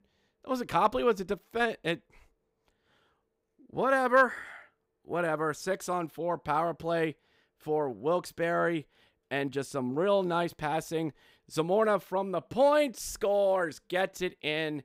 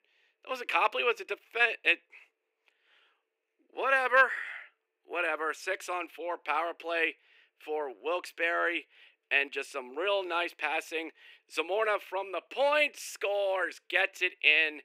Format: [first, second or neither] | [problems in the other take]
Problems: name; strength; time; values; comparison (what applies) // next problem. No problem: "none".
first | thin; very; fading below 350 Hz